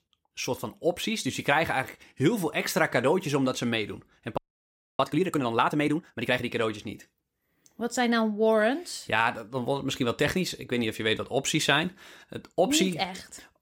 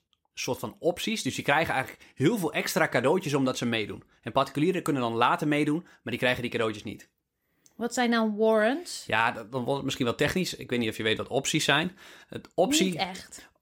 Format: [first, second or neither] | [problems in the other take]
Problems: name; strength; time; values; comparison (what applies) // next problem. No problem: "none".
second | audio freezing; at 4.5 s for 0.5 s